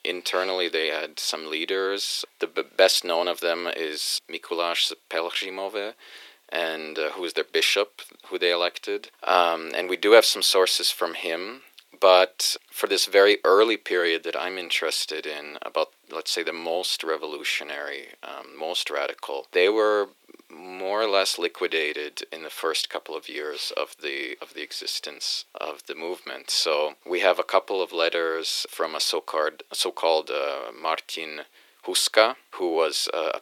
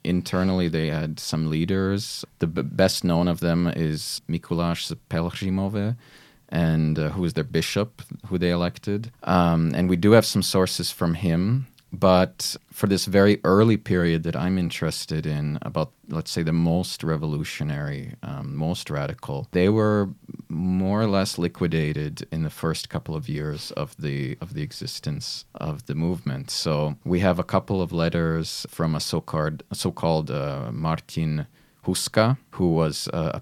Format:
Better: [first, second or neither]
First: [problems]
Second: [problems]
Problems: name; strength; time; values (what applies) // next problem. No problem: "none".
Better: second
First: thin; very; fading below 350 Hz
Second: none